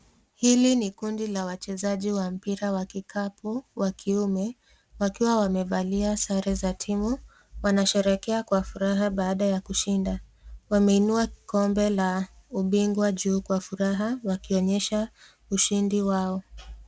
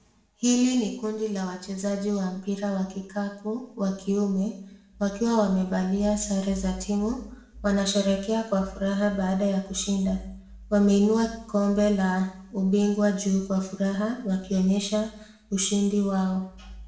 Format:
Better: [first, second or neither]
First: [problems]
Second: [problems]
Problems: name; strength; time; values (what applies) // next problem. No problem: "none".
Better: first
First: none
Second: room echo; dies away in 0.6 s